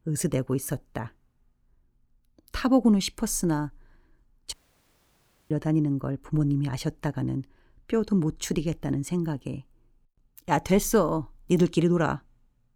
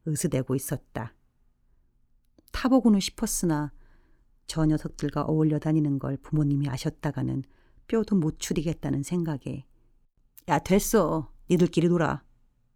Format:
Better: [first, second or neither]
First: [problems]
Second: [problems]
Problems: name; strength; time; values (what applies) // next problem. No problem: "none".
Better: second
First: audio cutting out; at 4.5 s for 1 s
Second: none